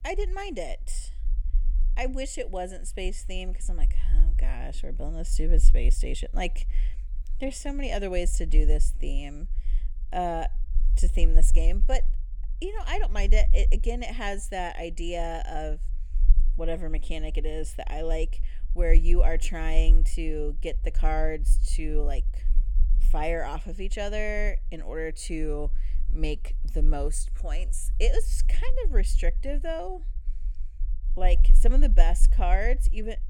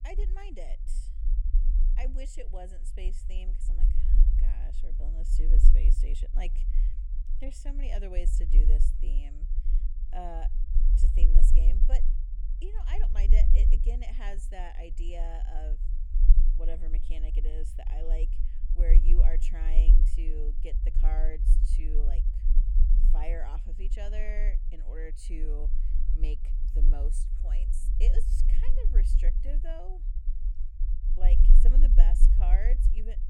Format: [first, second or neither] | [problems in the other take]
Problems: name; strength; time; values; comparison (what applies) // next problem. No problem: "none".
first | low rumble; loud; throughout; 7 dB below the speech; faint in the first